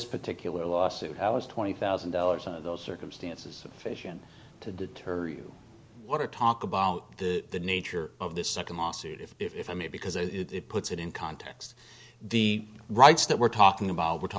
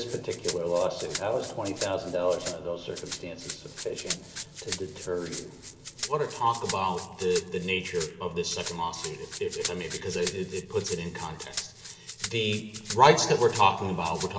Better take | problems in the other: first | background sound (Rattle (instrument)); 11 dB below the speech // room echo; dies away in 3 s

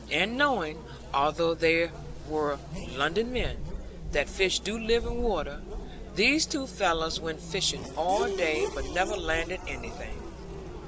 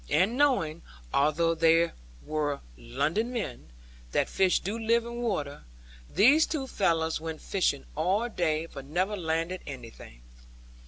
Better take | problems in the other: second | background sound (Race car, auto racing / Accelerating, revving, vroom); 8 dB below the speech

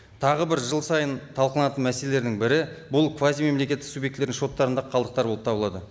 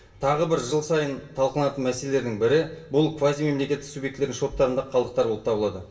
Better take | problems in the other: first | room echo; dies away in 0.2 s

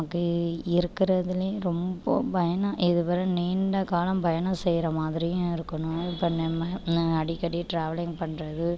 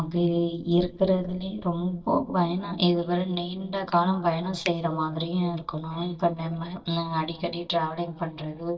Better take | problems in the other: first | noise reduction (neural mask model DeepFilterNet 3)

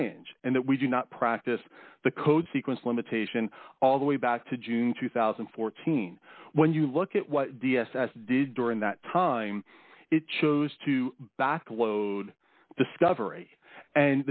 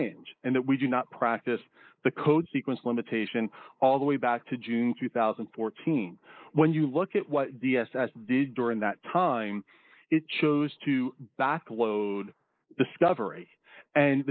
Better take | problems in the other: first | noise reduction (neural mask model Resemble Enhance denoiser)

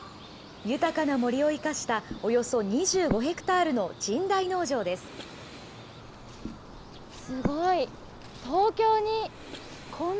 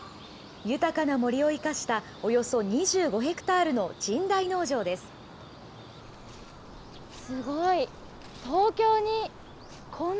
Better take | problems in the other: second | background sound (Breathing); 14 dB below the speech

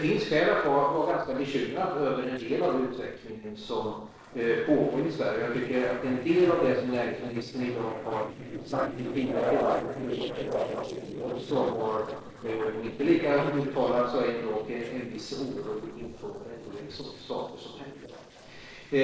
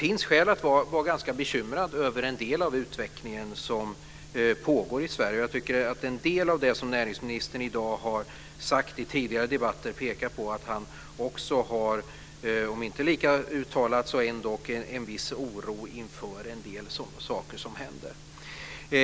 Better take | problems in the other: second | noise reduction (neural separator model SepFormer DNS4)

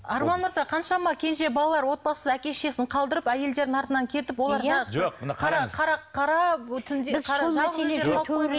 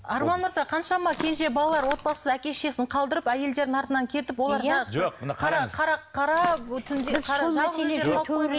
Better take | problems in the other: first | background sound (Walk, footsteps); 12 dB below the speech

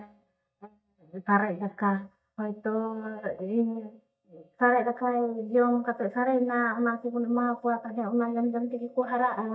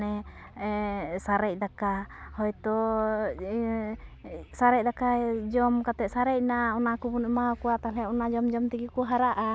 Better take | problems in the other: second | noise reduction (neural mask model DeepFilterNet 3)

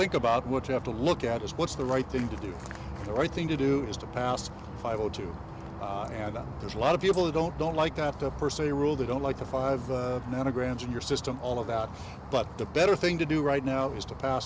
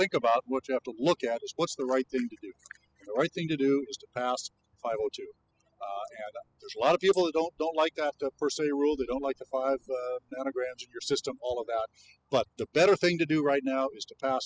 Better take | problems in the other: first | noise reduction (classical method spectral subtraction)

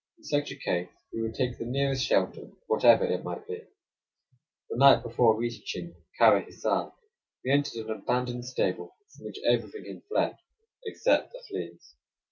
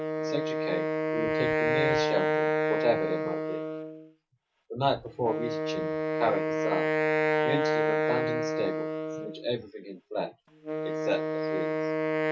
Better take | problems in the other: first | background sound (Wind instrument, woodwind instrument); 5 dB above the speech

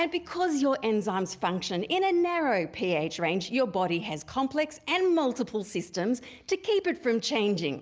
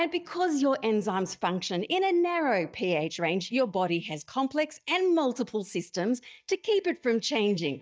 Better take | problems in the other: first | noise reduction (neural mask model DeepFilterNet 3)

